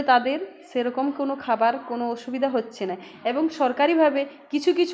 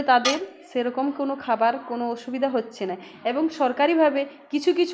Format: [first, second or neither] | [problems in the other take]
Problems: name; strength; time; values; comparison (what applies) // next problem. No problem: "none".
first | background sound (Tools); 14 dB below the speech